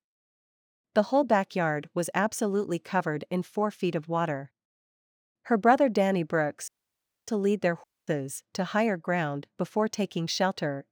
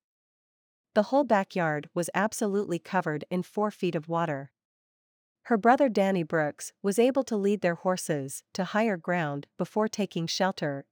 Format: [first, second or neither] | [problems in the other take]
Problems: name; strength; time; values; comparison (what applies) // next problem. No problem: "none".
second | audio cutting out; at 6.5 s for 0.5 s and at 8 s